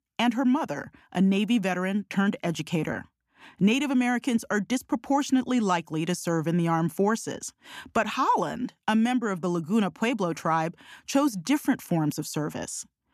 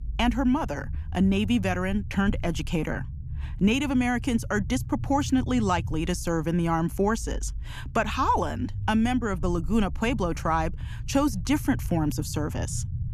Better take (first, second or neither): first